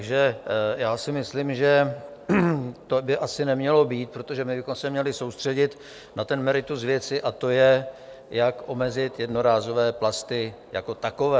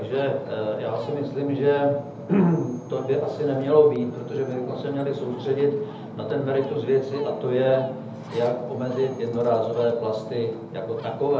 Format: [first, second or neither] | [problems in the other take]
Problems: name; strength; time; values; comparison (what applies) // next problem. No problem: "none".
first | background sound (Ocean); 13 dB below the speech // room echo; dies away in 0.7 s